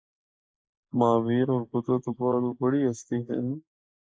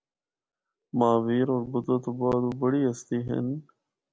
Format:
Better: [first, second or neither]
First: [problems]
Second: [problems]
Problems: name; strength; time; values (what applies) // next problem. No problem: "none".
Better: second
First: noise reduction (neural mask model Resemble Enhance denoiser)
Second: none